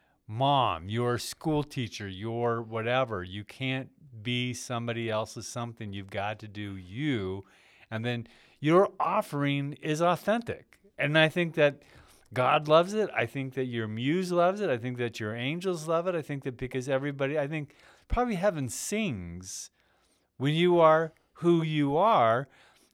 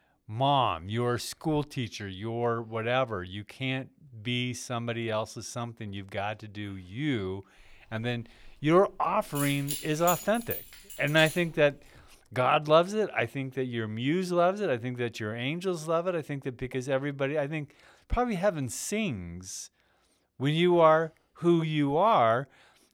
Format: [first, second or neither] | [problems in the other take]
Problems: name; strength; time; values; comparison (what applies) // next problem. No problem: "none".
first | jangling keys; noticeable; from 8.5 to 11 s; peak 4 dB below the speech